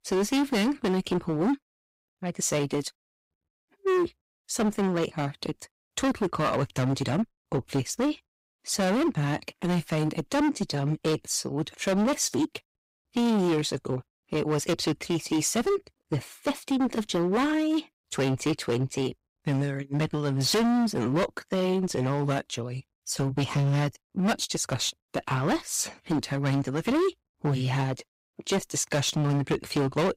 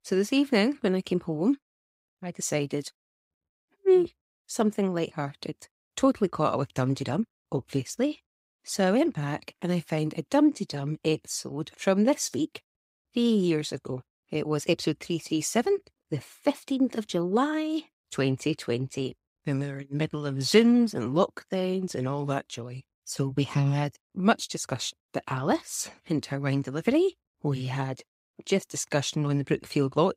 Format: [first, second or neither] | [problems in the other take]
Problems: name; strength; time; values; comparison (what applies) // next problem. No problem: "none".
second | distortion; heavy; 15% of the sound clipped